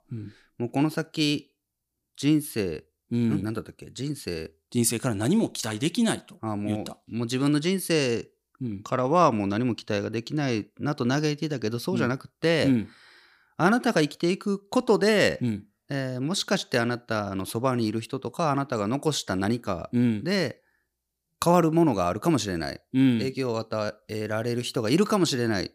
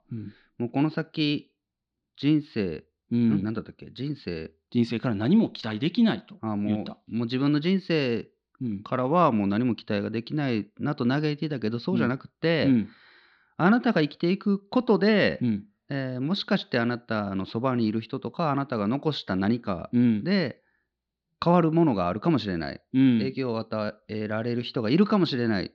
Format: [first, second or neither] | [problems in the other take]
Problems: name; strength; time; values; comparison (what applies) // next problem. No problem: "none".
first | muffled; very slightly; fading above 4 kHz